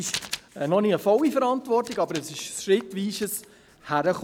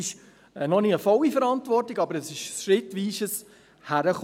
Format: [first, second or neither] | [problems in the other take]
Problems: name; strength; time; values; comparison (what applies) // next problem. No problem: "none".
second | background sound (Writing); 16 dB below the speech